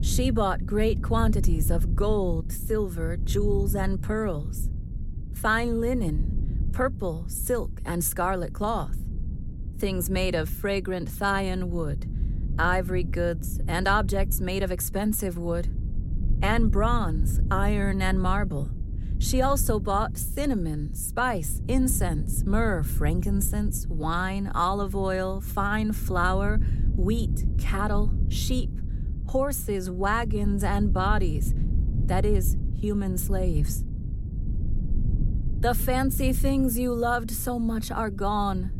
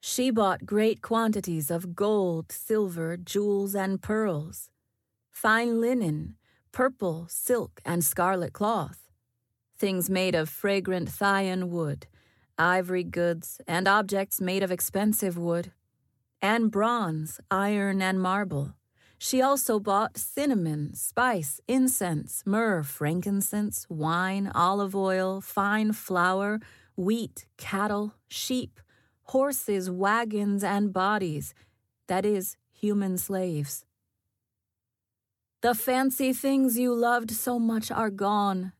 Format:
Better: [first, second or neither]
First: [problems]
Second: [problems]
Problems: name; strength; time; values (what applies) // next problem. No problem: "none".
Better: second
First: low rumble; noticeable; throughout; 15 dB below the speech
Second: none